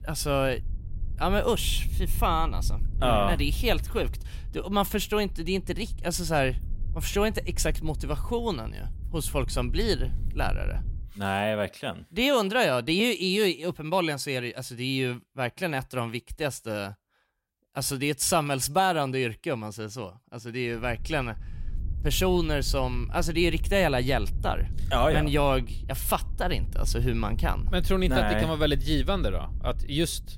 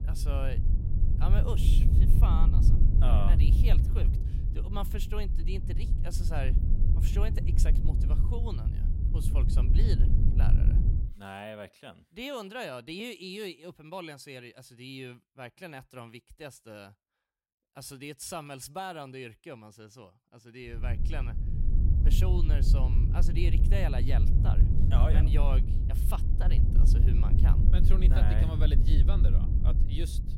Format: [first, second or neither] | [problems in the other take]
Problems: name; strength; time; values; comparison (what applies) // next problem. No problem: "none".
first | low rumble; loud; until 11 s and from 21 s on; 3 dB below the speech; faint in the first